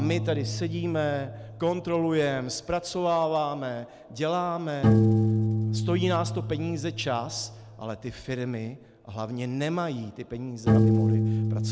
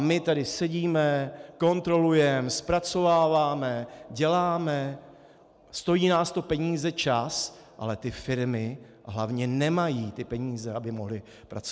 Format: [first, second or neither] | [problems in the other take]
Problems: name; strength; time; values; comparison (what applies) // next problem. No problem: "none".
second | background sound (Piano); 1 dB above the speech